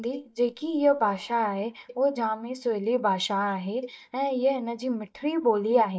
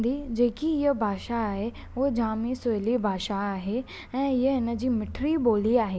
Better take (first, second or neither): second